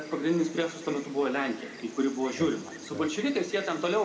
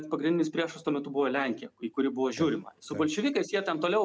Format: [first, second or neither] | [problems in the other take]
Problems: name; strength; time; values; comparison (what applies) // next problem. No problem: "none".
second | background sound (Insect); 17 dB below the speech // room echo; dies away in 1.5 s